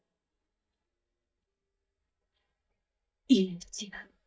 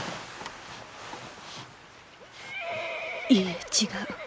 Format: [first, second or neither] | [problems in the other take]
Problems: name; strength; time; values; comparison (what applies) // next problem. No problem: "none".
second | noise reduction (neural mask model DeepFilterNet 3)